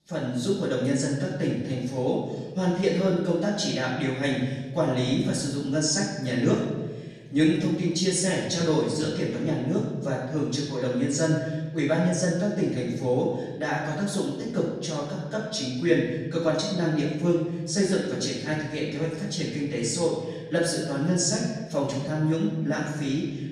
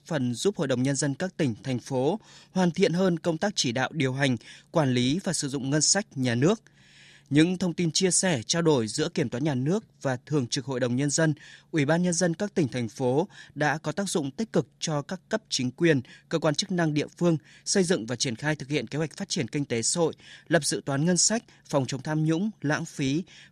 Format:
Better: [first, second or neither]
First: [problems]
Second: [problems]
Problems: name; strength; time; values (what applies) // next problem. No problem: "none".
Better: second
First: off-mic speech; far // room echo; noticeable; dies away in 1.2 s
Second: none